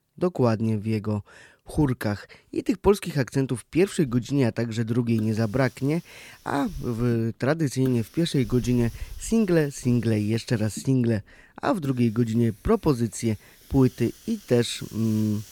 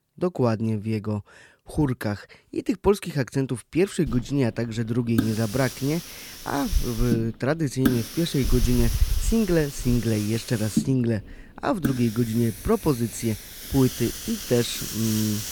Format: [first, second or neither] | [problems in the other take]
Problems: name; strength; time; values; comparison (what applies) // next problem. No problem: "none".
first | hiss; loud; from 4 s on; 6 dB below the speech; faint in the first